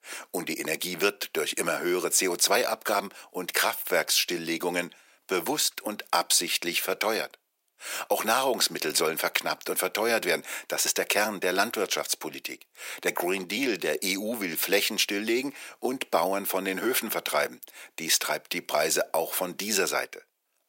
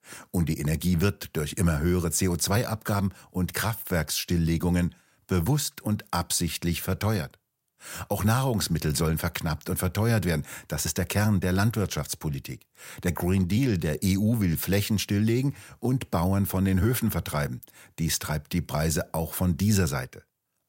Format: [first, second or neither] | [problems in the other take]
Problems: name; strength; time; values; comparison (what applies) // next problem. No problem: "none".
second | thin; very; fading below 300 Hz